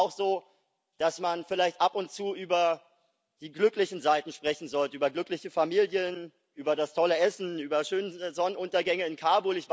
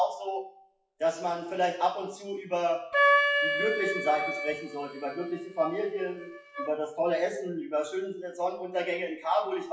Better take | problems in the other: first | noise reduction (classical method WPE with log-MMSE)

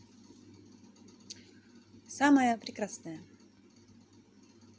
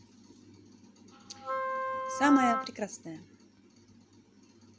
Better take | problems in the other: first | background sound (Wind instrument, woodwind instrument); as loud as the speech

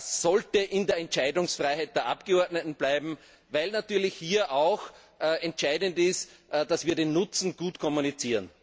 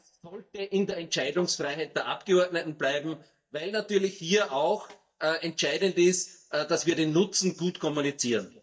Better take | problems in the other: first | noise reduction (neural mask model DeepFilterNet 3)

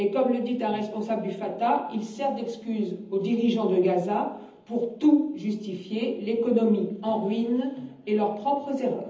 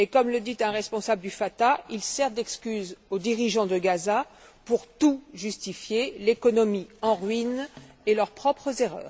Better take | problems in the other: second | room echo; dies away in 0.8 s

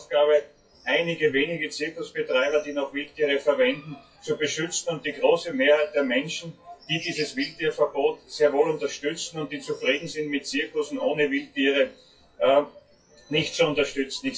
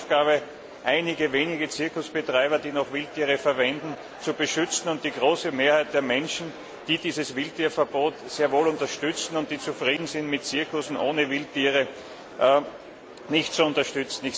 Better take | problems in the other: second | noise reduction (classical method WPE with log-MMSE)

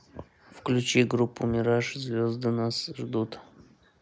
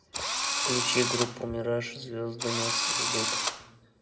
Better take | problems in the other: first | background sound (Engine / Drill); 3 dB above the speech // room echo; dies away in 2.3 s

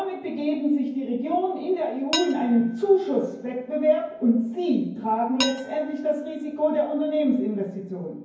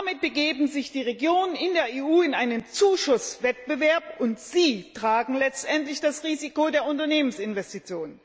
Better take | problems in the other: second | background sound (Dishes, pots, and pans); 13 dB below the speech // room echo; dies away in 0.9 s

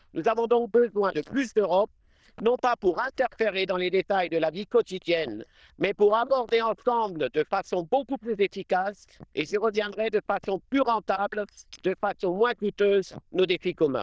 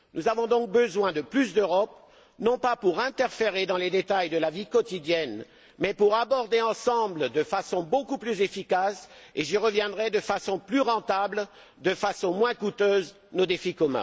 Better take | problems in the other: second | noise reduction (neural diffusion model UNIVERSE++)

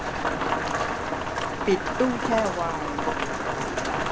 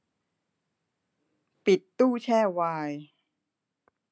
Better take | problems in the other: second | background sound (Rain); 3 dB above the speech

